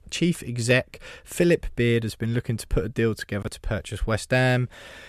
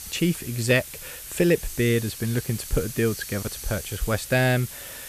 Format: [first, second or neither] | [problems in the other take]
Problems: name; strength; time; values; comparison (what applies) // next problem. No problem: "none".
first | hiss; noticeable; throughout; 10 dB below the speech